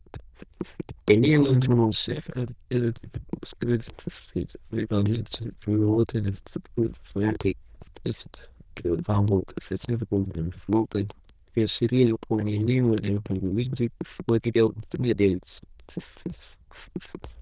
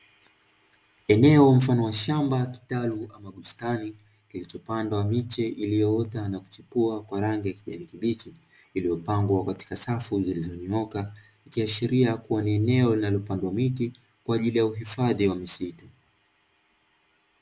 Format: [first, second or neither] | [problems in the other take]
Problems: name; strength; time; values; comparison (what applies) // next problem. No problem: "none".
second | noise reduction (neural diffusion model UNIVERSE++)